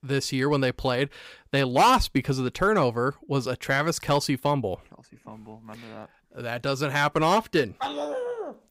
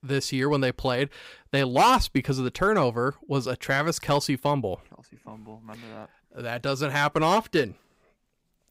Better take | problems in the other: second | dog barking; noticeable; at 8 s; peak 5 dB below the speech

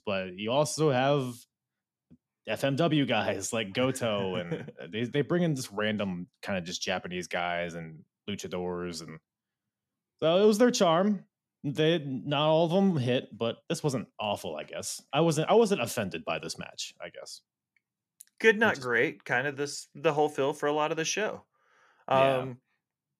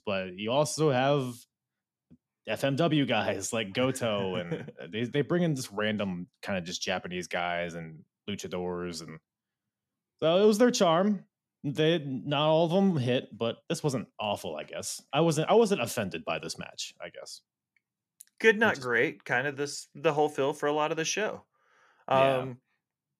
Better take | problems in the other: neither | none

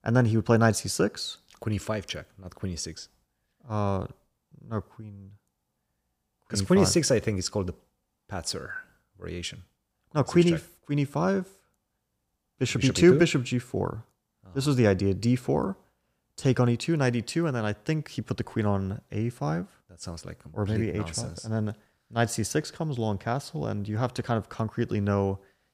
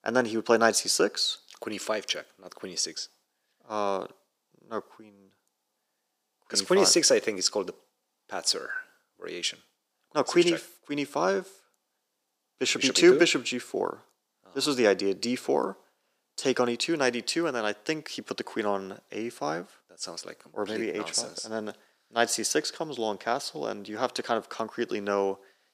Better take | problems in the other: first | thin; somewhat; fading below 300 Hz

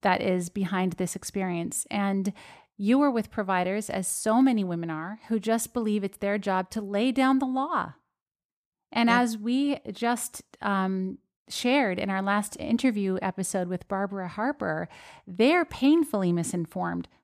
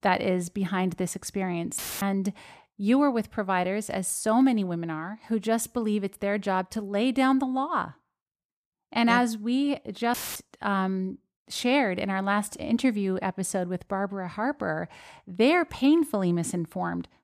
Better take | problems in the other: first | audio cutting out; filled with static; at 2 s and at 10 s

